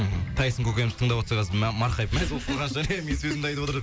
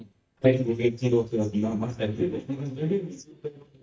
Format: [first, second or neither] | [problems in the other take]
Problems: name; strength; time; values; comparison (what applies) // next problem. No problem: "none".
first | noise reduction (neural mask model DeepFilterNet 3)